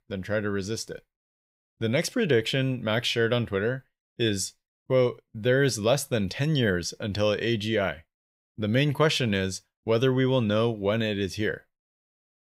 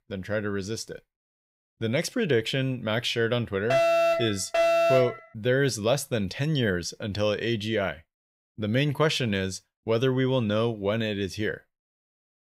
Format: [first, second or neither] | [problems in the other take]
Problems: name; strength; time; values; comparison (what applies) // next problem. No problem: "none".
first | alarm; loud; from 3.5 to 5 s; peak 6 dB above the speech